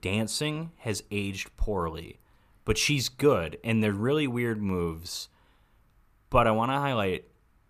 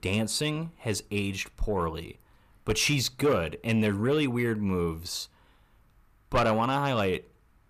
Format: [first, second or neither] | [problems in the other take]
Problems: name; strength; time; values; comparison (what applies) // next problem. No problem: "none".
first | distortion; slight; 10 dB below the speech